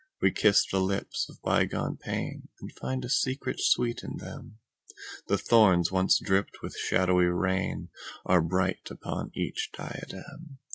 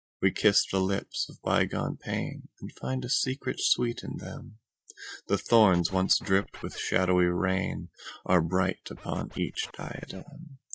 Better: first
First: none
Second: noise reduction (neural mask model DeepFilterNet 3)

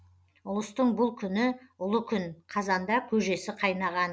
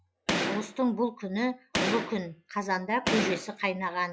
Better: first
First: none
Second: noise reduction (classical method log-MMSE)

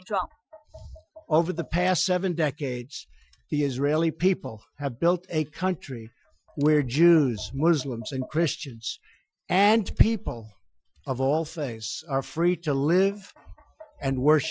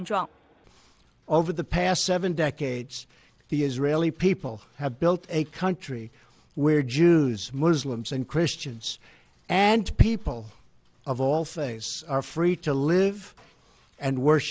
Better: second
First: noise reduction (classical method Wiener filter)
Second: none

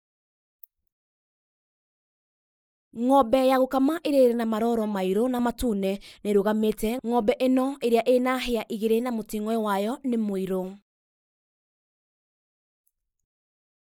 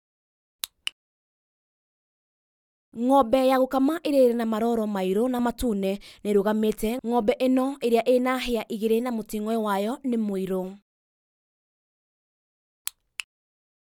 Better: second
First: noise reduction (neural mask model Resemble Enhance denoiser)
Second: none

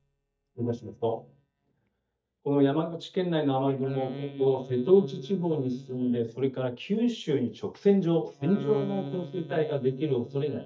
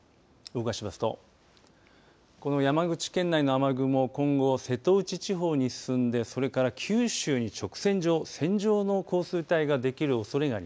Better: second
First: noise reduction (neural mask model DeepFilterNet 3)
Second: none

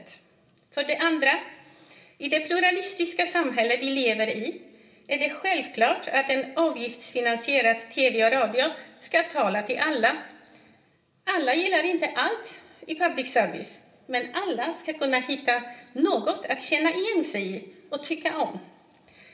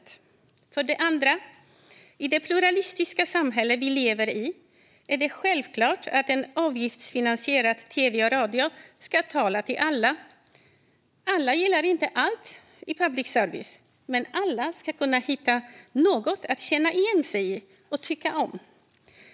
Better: second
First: room echo; dies away in 2 s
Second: none

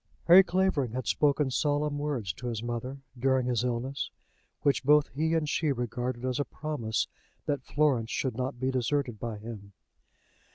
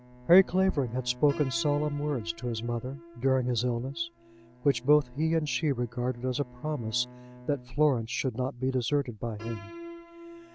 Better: first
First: none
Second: background sound (Piano + Bowed string instrument); 18 dB below the speech

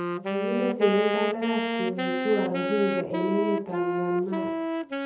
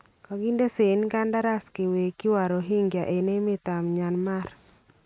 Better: second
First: background sound (Wind instrument, woodwind instrument); as loud as the speech // room echo; dies away in 0.7 s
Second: none

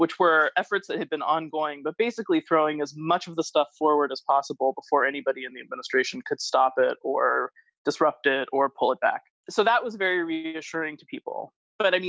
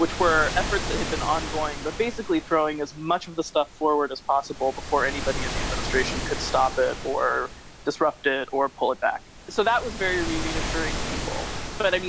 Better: first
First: none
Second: background sound (Waves, surf); 6 dB below the speech

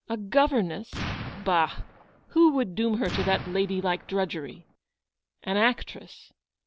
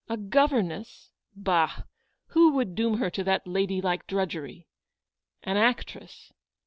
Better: second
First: background sound (Explosion); 10 dB below the speech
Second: none

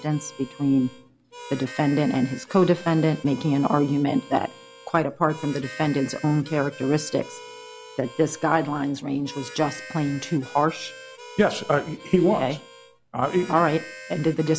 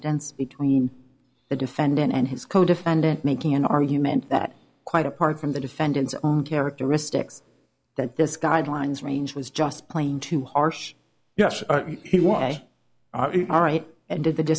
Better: second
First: background sound (Harmonica); 18 dB below the speech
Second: none

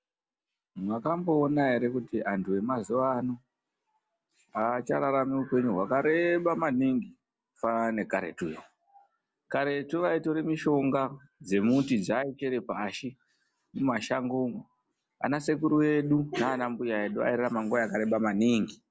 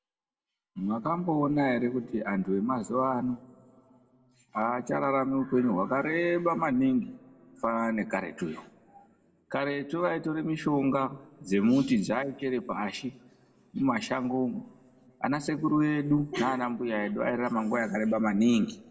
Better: first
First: none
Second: room echo; dies away in 1.2 s

